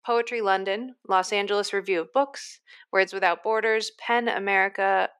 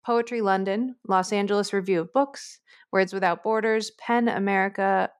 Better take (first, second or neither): second